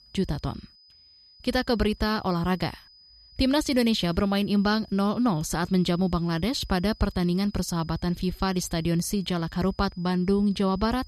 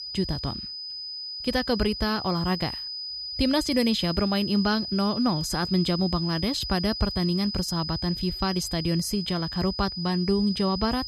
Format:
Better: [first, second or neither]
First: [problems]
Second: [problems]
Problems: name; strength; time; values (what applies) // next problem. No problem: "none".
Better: first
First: high-pitched whine; faint; throughout; 5 kHz, 25 dB below the speech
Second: high-pitched whine; loud; throughout; 5 kHz, 6 dB below the speech